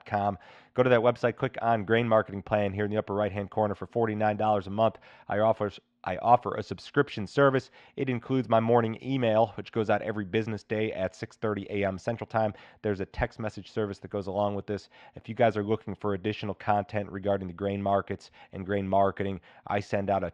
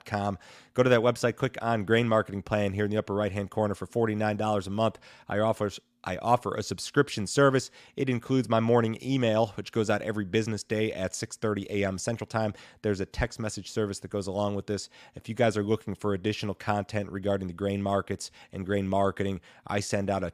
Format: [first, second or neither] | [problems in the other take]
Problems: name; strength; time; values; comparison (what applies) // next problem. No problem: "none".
second | muffled; slightly; fading above 3 kHz